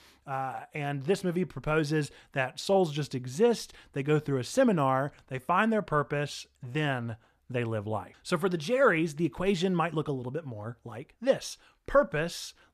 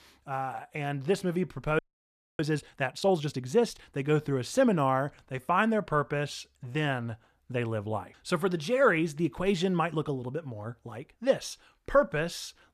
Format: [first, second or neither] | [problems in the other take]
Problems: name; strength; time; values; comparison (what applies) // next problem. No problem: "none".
first | audio freezing; at 2 s for 0.5 s